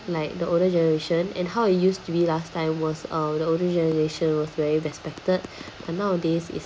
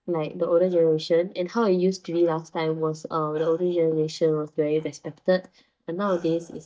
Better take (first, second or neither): first